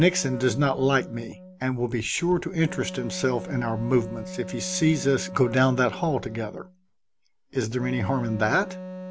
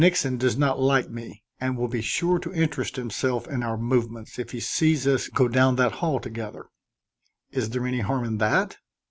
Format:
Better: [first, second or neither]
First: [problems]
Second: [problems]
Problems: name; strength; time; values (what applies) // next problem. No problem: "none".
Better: second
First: background sound (Wind instrument, woodwind instrument); 13 dB below the speech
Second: none